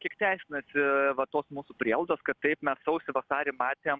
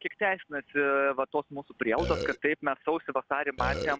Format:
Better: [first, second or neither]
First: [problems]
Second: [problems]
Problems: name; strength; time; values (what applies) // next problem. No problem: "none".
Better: first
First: none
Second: background sound (Burping, eructation); 3 dB below the speech